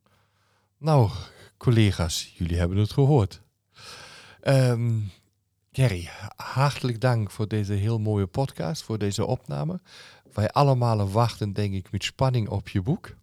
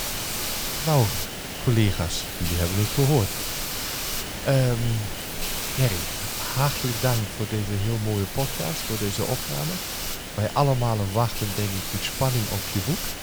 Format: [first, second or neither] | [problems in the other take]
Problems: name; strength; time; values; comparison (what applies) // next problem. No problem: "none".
first | hiss; loud; throughout; 3 dB below the speech